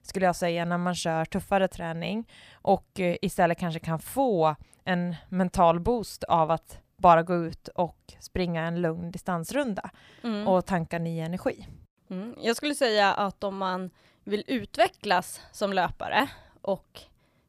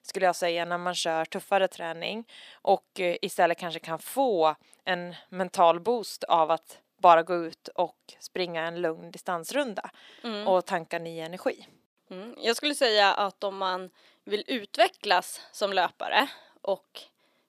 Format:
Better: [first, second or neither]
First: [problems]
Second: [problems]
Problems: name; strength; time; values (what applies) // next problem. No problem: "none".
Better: first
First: none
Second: thin; somewhat; fading below 300 Hz